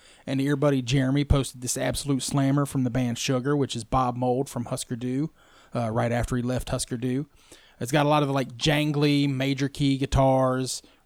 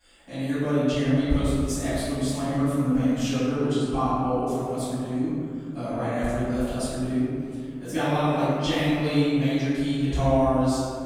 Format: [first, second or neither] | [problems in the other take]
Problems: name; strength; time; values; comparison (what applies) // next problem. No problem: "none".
first | off-mic speech; far // room echo; strong; dies away in 2.4 s